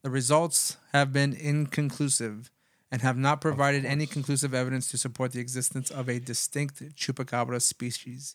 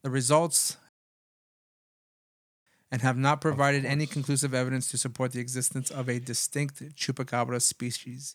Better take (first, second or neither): first